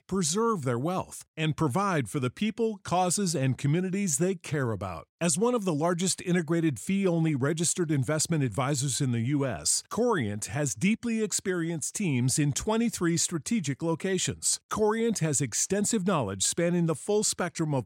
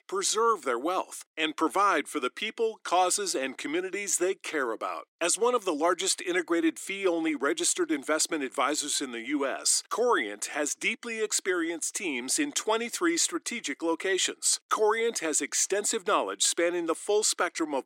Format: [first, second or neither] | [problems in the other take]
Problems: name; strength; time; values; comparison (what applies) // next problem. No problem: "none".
first | thin; very; fading below 300 Hz